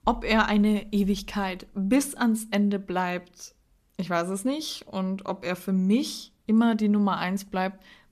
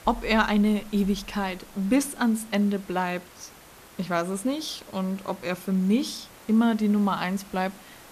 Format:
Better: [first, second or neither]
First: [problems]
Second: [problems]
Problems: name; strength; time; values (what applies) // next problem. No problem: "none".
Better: first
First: none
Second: hiss; faint; throughout; 20 dB below the speech